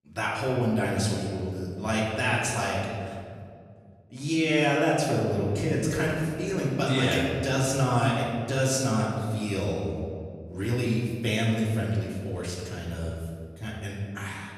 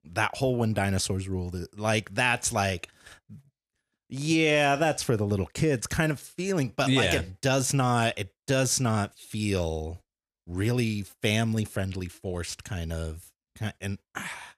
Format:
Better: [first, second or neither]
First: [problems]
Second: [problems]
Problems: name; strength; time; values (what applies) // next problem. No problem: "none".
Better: second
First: room echo; noticeable; dies away in 1.8 s // off-mic speech; far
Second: none